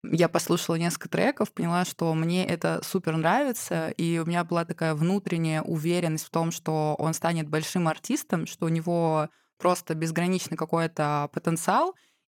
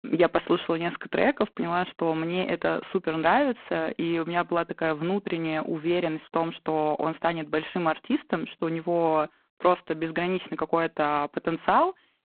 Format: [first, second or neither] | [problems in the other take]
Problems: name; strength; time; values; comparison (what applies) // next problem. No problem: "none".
first | phone-call audio; poor line; nothing above 4 kHz